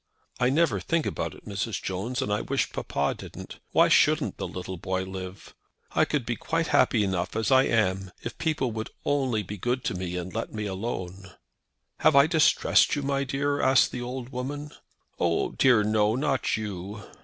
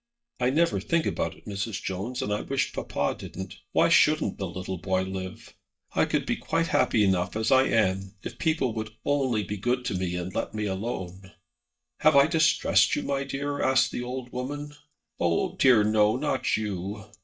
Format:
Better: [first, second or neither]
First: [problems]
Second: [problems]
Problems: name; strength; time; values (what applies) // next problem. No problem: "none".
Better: first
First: none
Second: noise reduction (neural mask model DeepFilterNet 3)